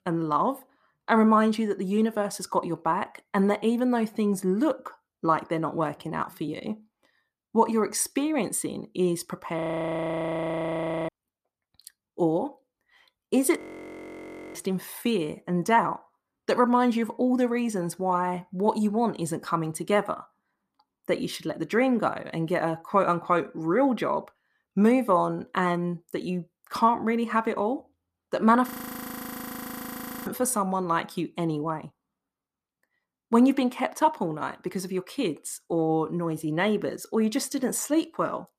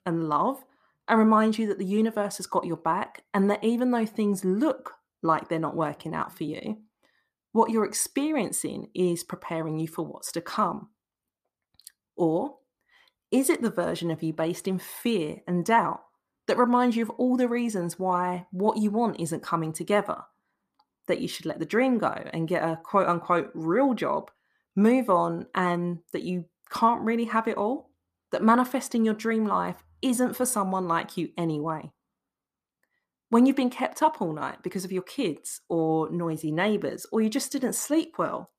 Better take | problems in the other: second | audio freezing; at 9.5 s for 1.5 s, at 14 s for 1 s and at 29 s for 1.5 s

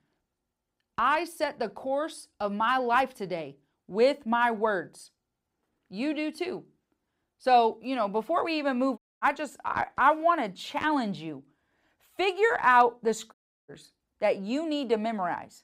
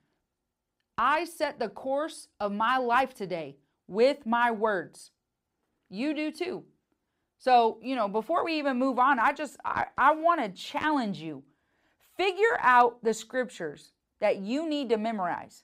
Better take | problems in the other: second | audio cutting out; at 9 s and at 13 s

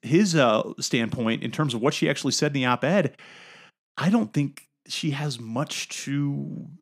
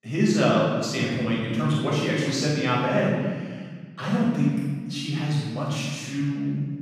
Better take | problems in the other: first | off-mic speech; far // room echo; strong; dies away in 1.7 s

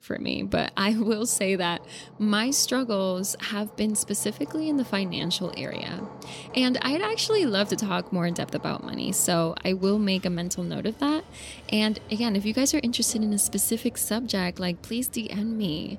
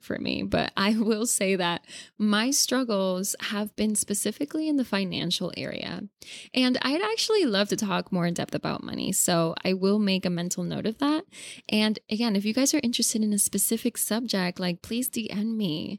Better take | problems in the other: second | machinery noise; noticeable; throughout; 20 dB below the speech

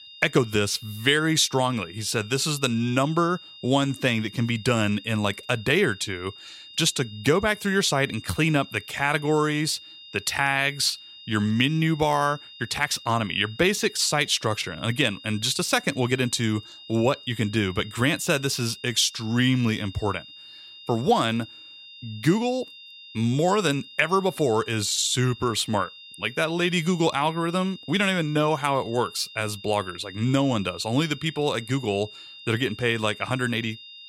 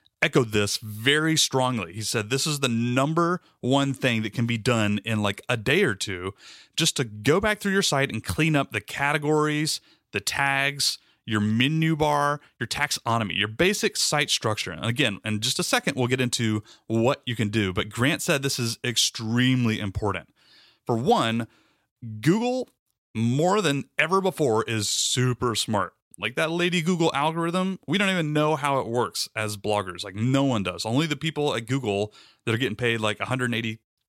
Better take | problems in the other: second | high-pitched whine; noticeable; throughout; 3.5 kHz, 20 dB below the speech

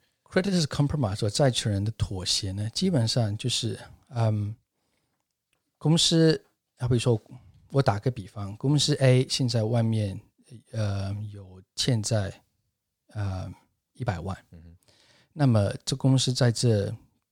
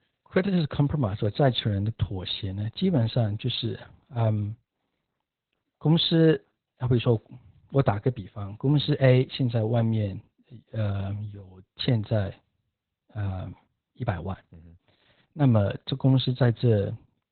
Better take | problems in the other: first | garbled, watery; badly; nothing above 4 kHz

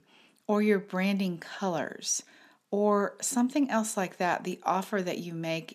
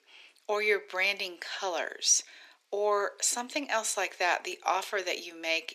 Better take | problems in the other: first | thin; very; fading below 350 Hz

